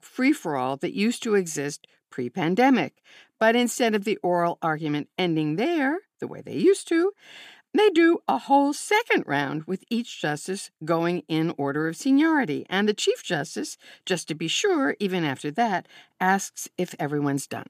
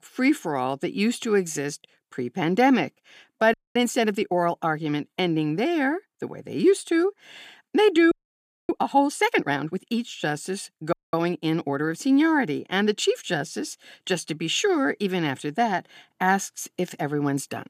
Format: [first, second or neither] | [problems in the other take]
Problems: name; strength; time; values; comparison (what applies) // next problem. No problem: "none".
first | audio freezing; at 3.5 s, at 8 s for 0.5 s and at 11 s